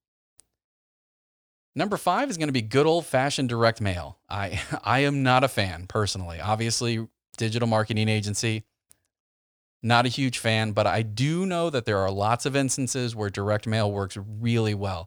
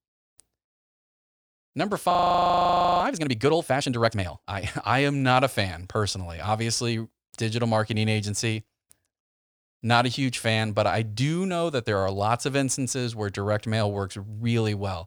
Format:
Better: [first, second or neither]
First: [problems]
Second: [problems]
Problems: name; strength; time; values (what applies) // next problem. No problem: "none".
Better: first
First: none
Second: audio freezing; at 2 s for 1 s